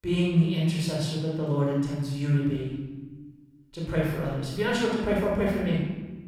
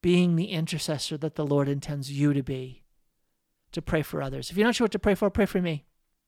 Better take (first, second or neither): second